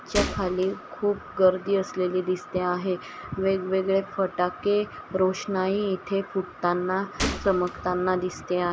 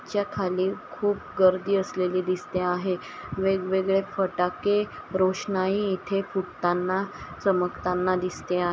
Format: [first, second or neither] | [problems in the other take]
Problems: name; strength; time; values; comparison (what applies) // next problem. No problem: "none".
second | background sound (Gunshot, gunfire); 7 dB below the speech